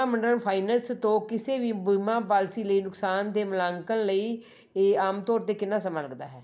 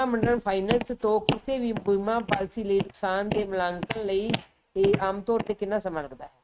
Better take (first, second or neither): first